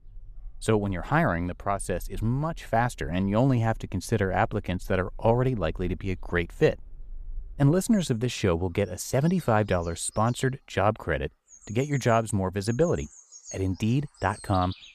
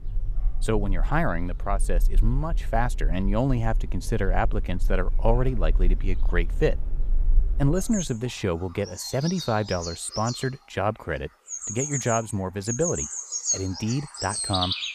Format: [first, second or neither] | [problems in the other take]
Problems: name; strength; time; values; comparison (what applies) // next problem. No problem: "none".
first | animal sounds; loud; throughout; 2 dB below the speech; faint in the first